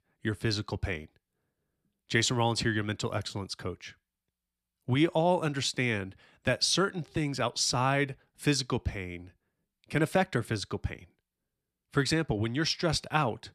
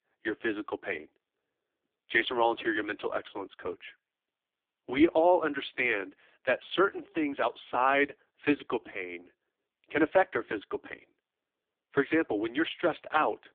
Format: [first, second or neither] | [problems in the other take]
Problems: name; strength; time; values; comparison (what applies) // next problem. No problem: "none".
first | phone-call audio; poor line; nothing above 3.5 kHz